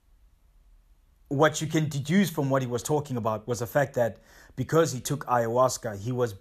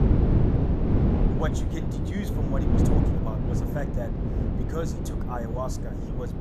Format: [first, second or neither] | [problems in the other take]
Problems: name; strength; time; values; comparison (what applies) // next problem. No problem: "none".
first | wind noise on the microphone; heavy; 2 dB above the speech